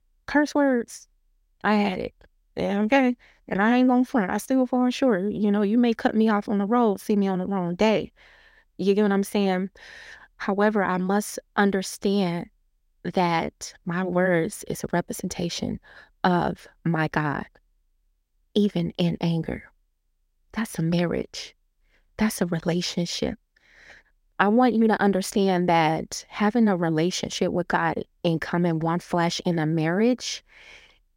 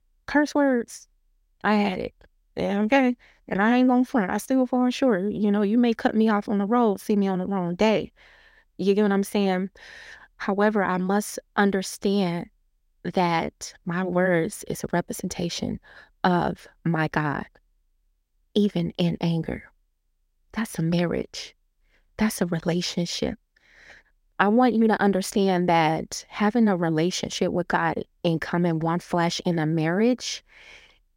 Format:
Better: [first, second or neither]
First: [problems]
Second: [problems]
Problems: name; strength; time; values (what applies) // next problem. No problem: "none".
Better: neither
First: none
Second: none